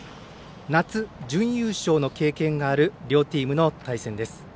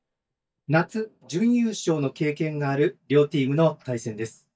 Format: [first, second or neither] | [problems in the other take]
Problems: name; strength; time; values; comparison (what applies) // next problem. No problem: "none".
first | noise reduction (neural mask model DeepFilterNet 3)